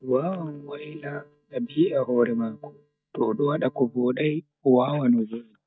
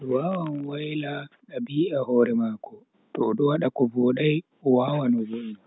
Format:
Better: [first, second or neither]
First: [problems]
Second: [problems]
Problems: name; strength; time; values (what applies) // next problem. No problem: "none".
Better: second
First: noise reduction (neural mask model DeepFilterNet 3)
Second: none